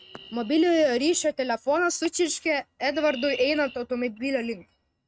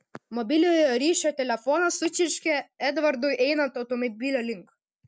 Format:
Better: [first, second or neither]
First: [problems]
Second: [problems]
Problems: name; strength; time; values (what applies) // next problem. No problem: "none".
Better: second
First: noise reduction (neural mask model RNNoise)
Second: none